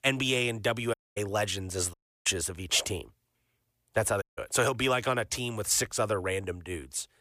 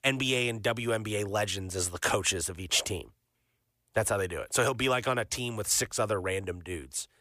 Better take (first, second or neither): second